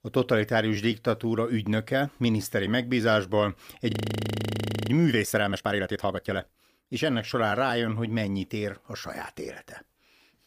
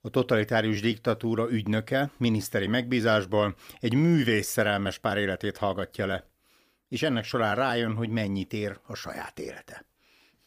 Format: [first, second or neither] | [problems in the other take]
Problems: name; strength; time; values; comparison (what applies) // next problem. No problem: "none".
second | audio freezing; at 4 s for 1 s